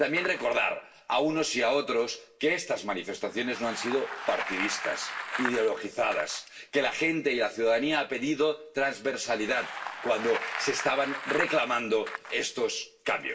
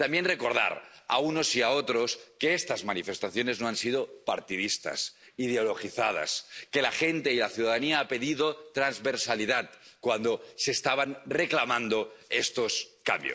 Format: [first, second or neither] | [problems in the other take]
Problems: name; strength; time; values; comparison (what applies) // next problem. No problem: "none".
second | background sound (Bicycle); 10 dB below the speech // room echo; dies away in 0.2 s